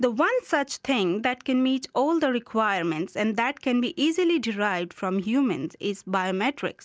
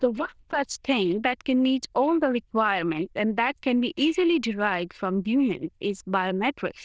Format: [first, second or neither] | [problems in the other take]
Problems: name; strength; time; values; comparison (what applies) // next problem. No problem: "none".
first | noise reduction (neural diffusion model UNIVERSE++)